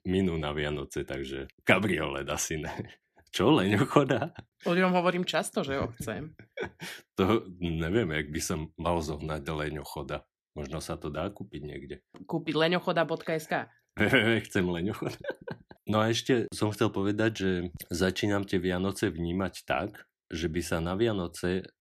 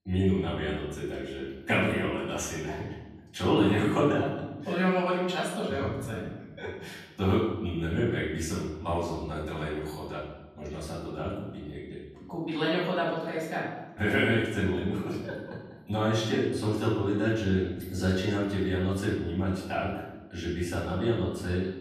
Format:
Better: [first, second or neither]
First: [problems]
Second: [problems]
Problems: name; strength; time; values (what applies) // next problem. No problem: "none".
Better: first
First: none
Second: off-mic speech; far // room echo; noticeable; dies away in 1 s